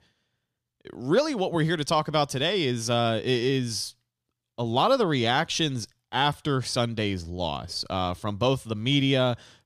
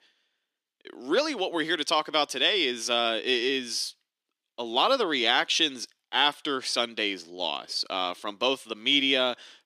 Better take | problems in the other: first | thin; somewhat; fading below 300 Hz

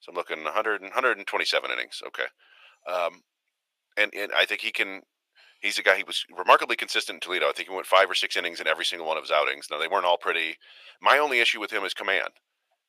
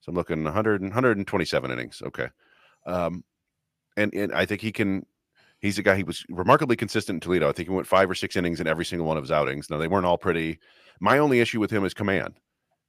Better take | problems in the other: second | thin; very; fading below 550 Hz

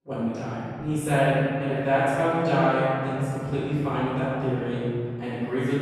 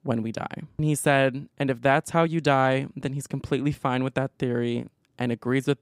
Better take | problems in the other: second | off-mic speech; far // room echo; strong; dies away in 2.5 s

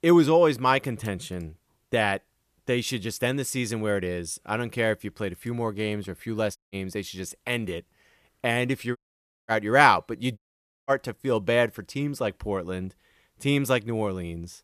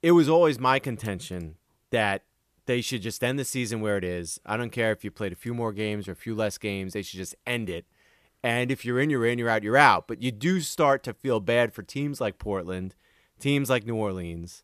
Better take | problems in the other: second | audio cutting out; at 6.5 s, at 9 s for 0.5 s and at 10 s

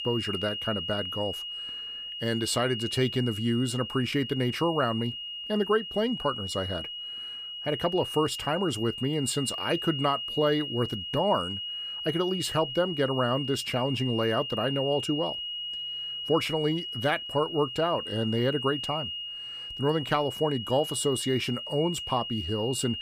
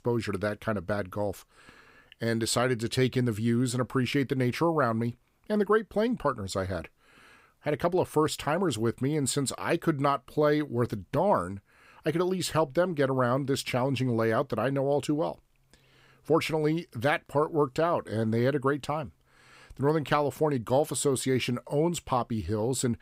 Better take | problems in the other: second | high-pitched whine; loud; throughout; 3 kHz, 5 dB below the speech

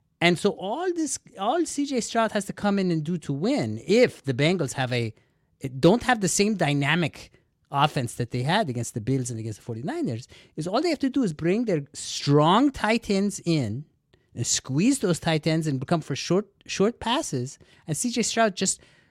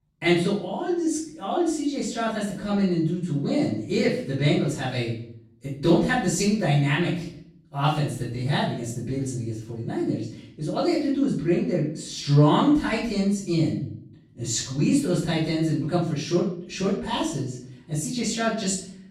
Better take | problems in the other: first | off-mic speech; far // room echo; noticeable; dies away in 0.6 s

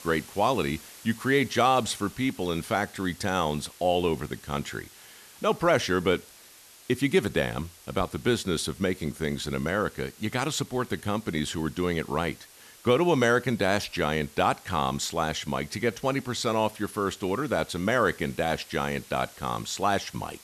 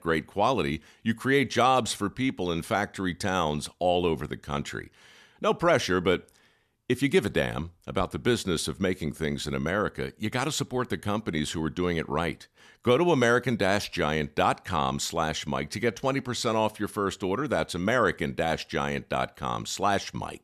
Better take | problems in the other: second | hiss; faint; throughout; 20 dB below the speech

